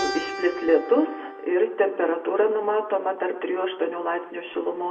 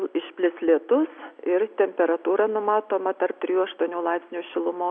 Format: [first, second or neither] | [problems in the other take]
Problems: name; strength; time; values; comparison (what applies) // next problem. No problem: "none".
second | background sound (Keyboard (musical)); 13 dB below the speech // room echo; dies away in 0.6 s